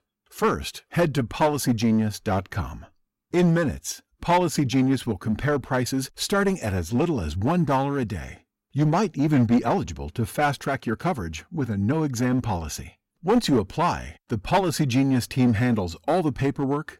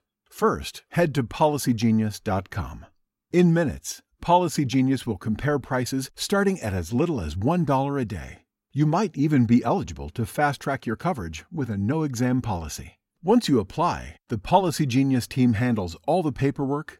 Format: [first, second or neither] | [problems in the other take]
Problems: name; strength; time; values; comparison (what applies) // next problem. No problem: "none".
second | distortion; slight; 6% of the sound clipped